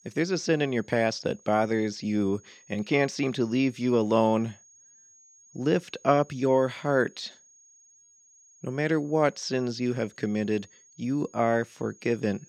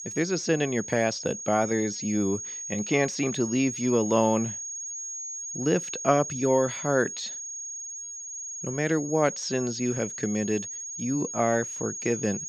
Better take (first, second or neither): first